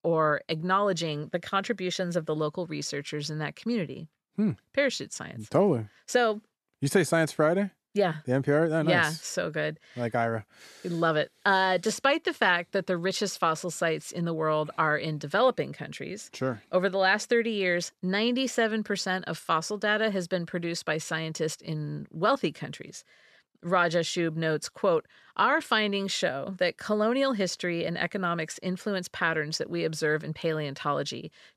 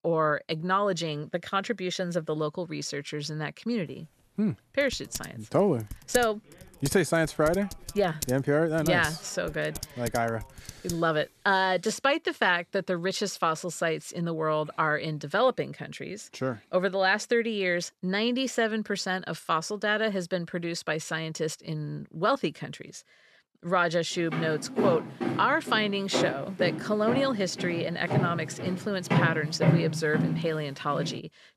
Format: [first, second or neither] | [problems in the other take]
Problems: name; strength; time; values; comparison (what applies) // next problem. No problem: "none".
first | keyboard typing; noticeable; from 5 to 11 s; peak 7 dB below the speech // footsteps; loud; from 24 s on; peak 4 dB above the speech